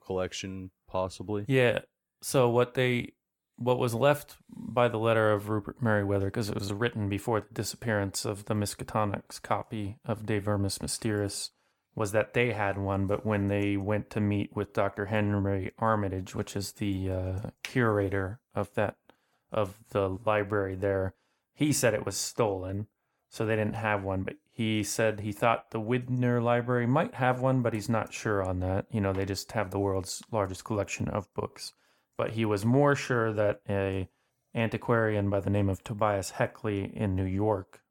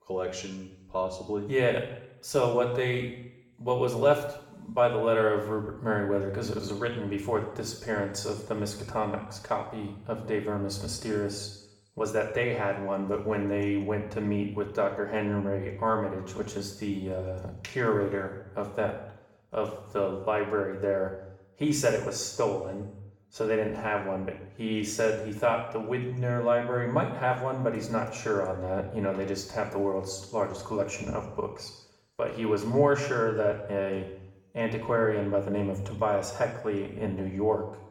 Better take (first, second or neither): first